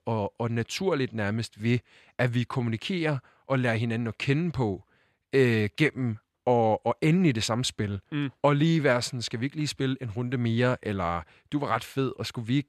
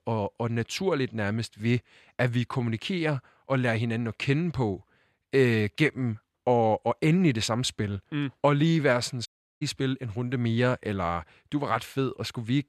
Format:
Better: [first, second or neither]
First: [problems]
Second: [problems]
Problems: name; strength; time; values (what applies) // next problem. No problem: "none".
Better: first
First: none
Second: audio cutting out; at 9.5 s